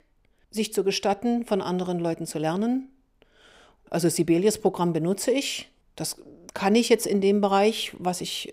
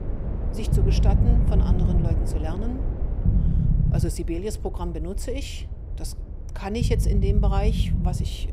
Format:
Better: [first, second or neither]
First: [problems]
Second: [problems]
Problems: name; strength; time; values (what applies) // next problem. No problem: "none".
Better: first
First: none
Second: low rumble; loud; throughout; 2 dB below the speech